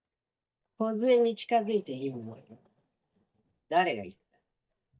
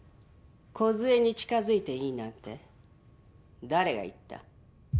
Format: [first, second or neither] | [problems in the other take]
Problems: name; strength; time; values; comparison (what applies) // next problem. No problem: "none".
second | noise reduction (neural mask model DeepFilterNet 3)